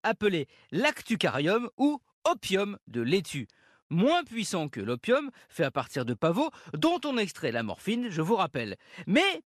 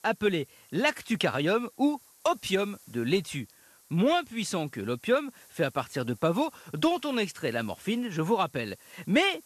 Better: first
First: none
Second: hiss; faint; throughout; 25 dB below the speech

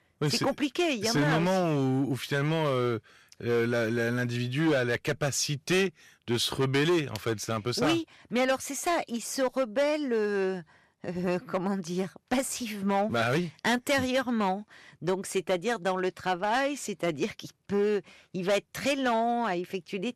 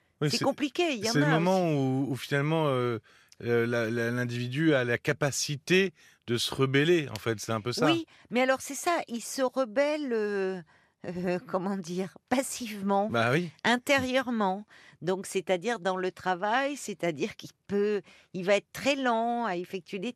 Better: second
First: distortion; slight; 7% of the sound clipped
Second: none

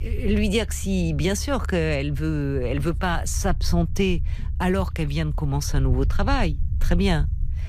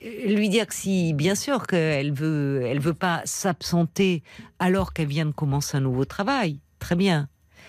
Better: second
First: low rumble; noticeable; throughout; 20 dB below the speech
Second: none

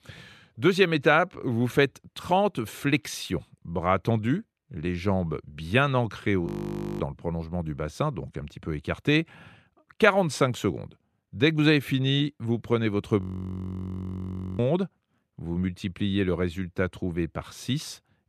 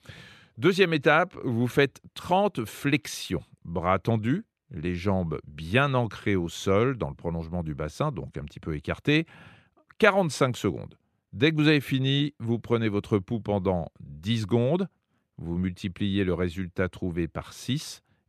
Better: second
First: audio freezing; at 6.5 s for 0.5 s and at 13 s for 1.5 s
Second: none

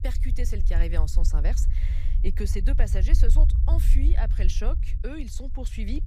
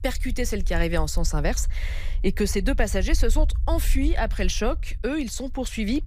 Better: second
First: low rumble; loud; throughout; 8 dB below the speech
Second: low rumble; faint; throughout; 25 dB below the speech

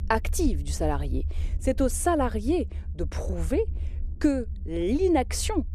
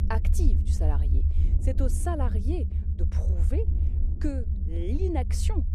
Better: first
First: low rumble; faint; throughout; 25 dB below the speech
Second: low rumble; loud; throughout; 7 dB below the speech

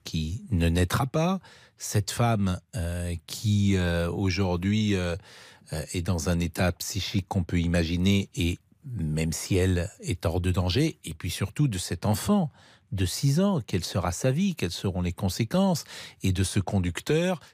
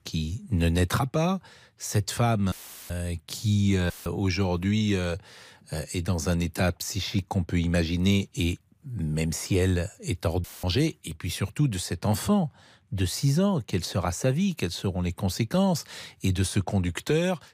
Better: first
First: none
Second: audio cutting out; filled with static; at 2.5 s, at 4 s and at 10 s

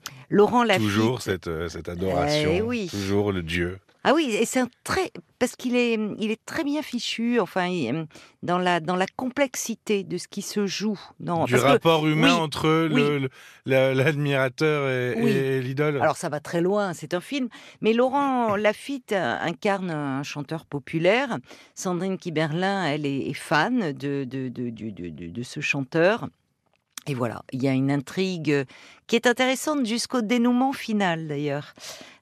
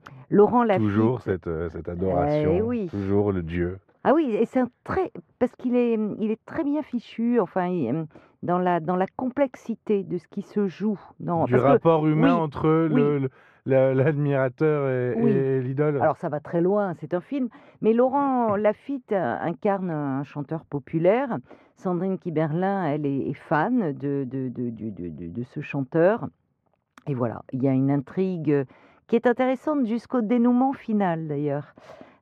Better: first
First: none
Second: muffled; very; fading above 2.5 kHz

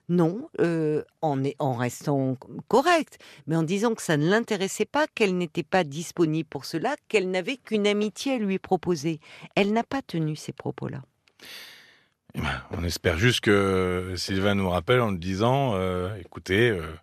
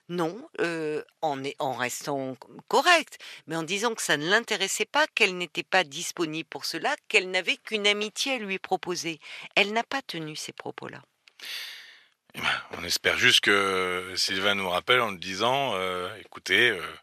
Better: first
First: none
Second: thin; somewhat; fading below 1 kHz

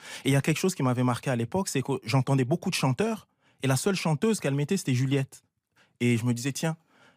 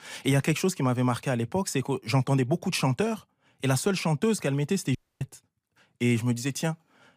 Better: first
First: none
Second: audio cutting out; at 5 s

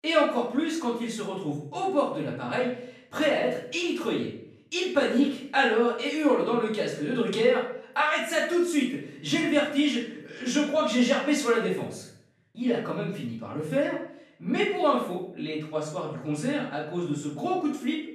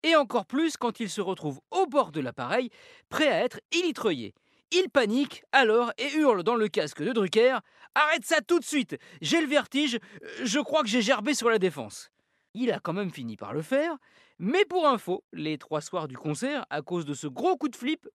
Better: second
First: room echo; noticeable; dies away in 0.6 s // off-mic speech; far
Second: none

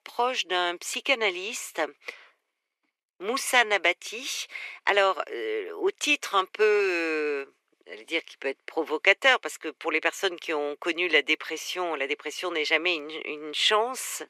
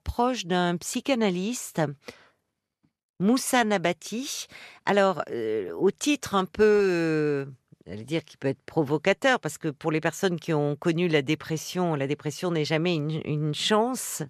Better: second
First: thin; very; fading below 350 Hz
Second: none

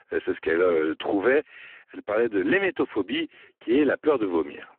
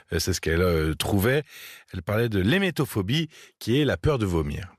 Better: second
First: phone-call audio; poor line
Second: none

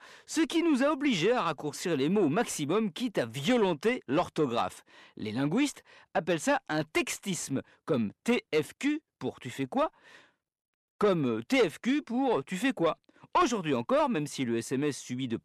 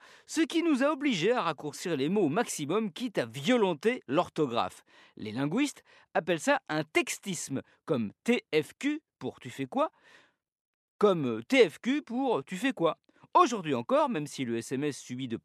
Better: second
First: distortion; slight; 10 dB below the speech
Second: none

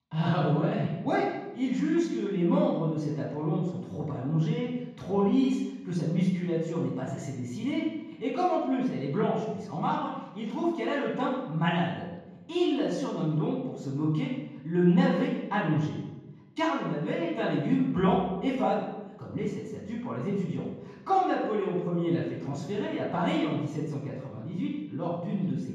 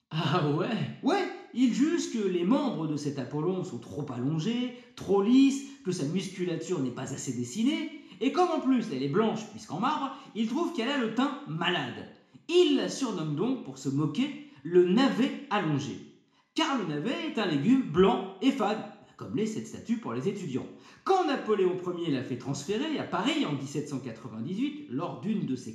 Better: second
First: room echo; strong; dies away in 1.3 s // off-mic speech; far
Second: room echo; slight; dies away in 0.6 s // off-mic speech; somewhat distant

